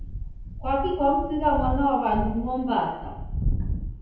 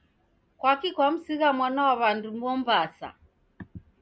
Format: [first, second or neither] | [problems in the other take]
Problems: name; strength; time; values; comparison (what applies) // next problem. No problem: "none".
second | background sound (Wind); 4 dB below the speech // room echo; dies away in 0.9 s